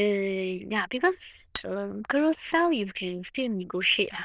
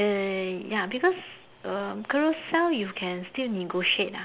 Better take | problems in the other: second | noise reduction (neural diffusion model UNIVERSE++)

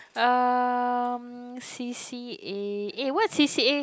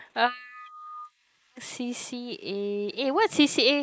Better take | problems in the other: first | noise reduction (neural mask model Resemble Enhance denoiser)

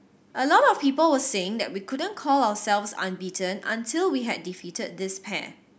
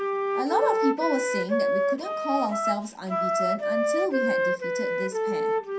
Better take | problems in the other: first | background sound (Wind instrument, woodwind instrument); 4 dB above the speech // room echo; dies away in 0.3 s

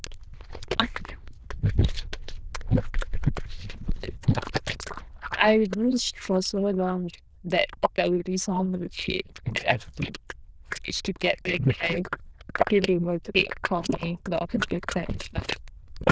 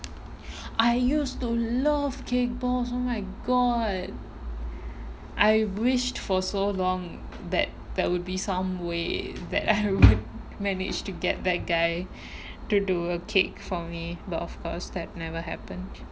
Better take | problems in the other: second | noise reduction (neural diffusion model UNIVERSE++)

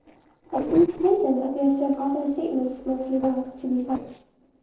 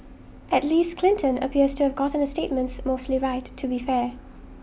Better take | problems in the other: second | noise reduction (neural separator model SepFormer DNS4)

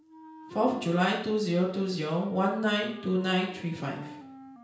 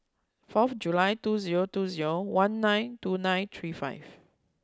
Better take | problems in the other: second | background sound (Wind instrument, woodwind instrument); 19 dB below the speech // room echo; dies away in 0.5 s

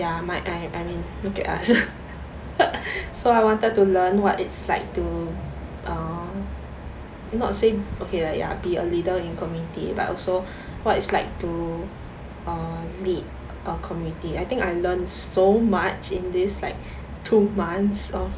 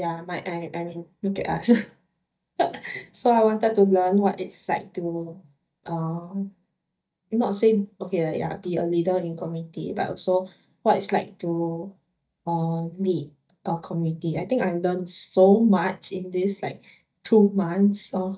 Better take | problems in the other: first | noise reduction (neural mask model DeepFilterNet 3)

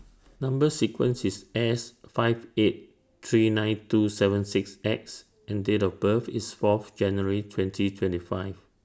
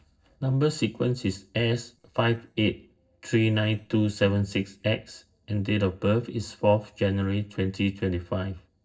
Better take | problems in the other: first | noise reduction (neural separator model SepFormer DNS4)

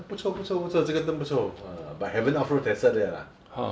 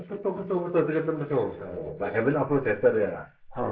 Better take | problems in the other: first | noise reduction (neural mask model Resemble Enhance denoiser)

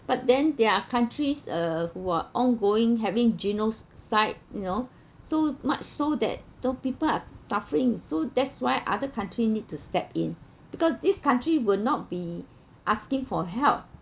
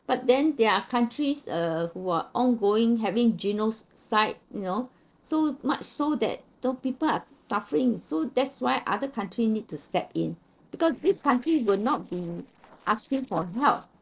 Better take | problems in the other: first | noise reduction (neural separator model SepFormer DNS4)

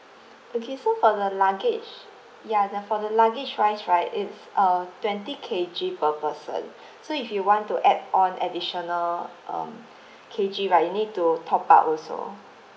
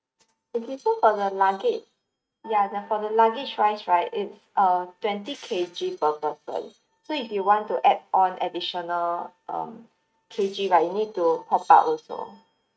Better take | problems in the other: first | noise reduction (neural mask model RNNoise)

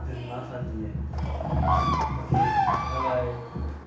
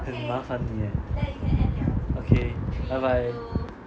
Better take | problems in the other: second | background sound (Bird vocalization, bird call, bird song); 1 dB above the speech // room echo; dies away in 0.6 s

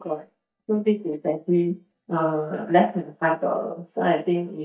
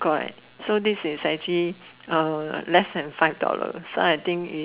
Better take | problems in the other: second | noise reduction (neural mask model DeepFilterNet 3)

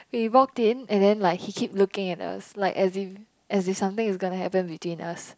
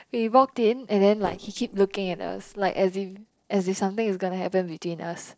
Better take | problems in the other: first | noise reduction (neural separator model SepFormer DNS4)

